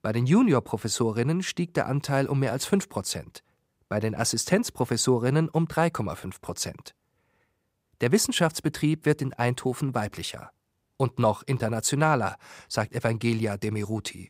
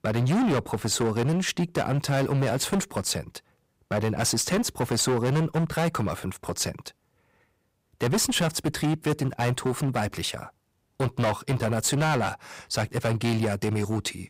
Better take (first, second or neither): first